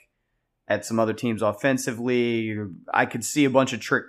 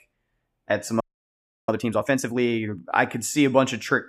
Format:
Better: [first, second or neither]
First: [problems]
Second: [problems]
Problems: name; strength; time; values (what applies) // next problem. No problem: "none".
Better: first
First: none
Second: audio freezing; at 1 s for 0.5 s